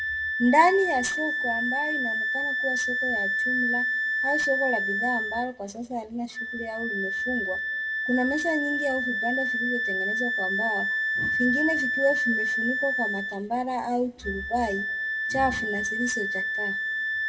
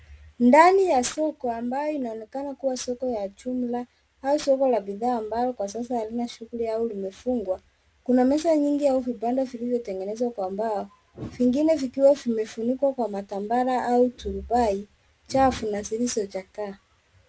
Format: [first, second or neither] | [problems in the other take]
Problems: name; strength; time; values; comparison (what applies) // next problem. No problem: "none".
second | background sound (Wind instrument, woodwind instrument); 1 dB above the speech // room echo; dies away in 0.6 s